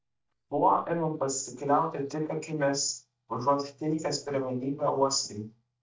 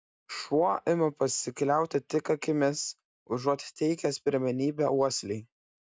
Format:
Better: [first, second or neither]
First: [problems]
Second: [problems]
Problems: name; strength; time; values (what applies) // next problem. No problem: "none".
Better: second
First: noise reduction (neural mask model DeepFilterNet 3)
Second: none